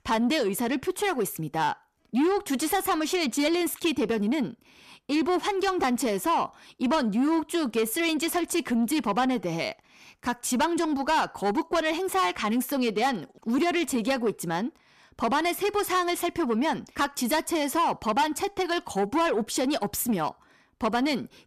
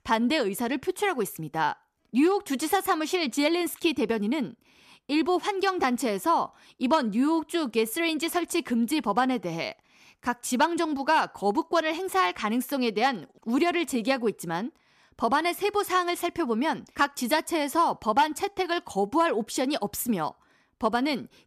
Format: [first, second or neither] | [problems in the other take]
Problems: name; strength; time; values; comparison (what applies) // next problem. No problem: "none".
second | distortion; slight; 10 dB below the speech